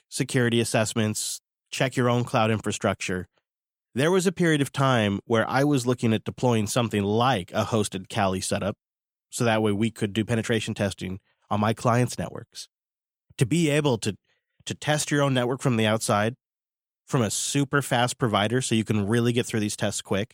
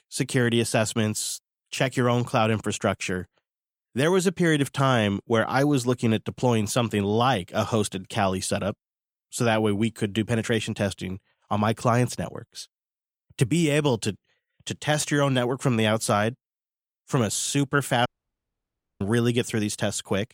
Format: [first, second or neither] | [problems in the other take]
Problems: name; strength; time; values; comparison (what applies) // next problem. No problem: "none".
first | audio cutting out; at 18 s for 1 s